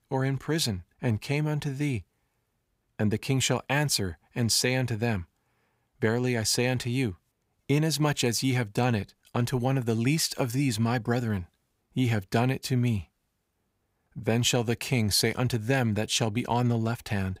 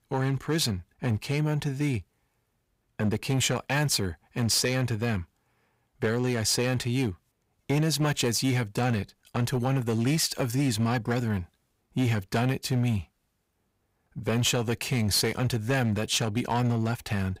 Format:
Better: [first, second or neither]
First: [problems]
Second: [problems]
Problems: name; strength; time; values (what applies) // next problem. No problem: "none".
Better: first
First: none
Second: distortion; slight; 6% of the sound clipped